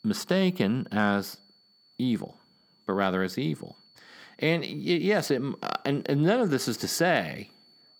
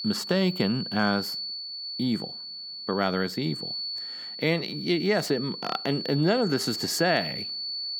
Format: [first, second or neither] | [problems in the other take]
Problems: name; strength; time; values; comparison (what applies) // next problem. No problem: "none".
first | high-pitched whine; loud; throughout; 4.5 kHz, 6 dB below the speech; faint in the first